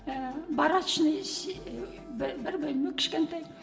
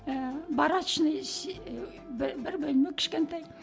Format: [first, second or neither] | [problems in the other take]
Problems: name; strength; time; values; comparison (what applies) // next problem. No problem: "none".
second | room echo; dies away in 2.9 s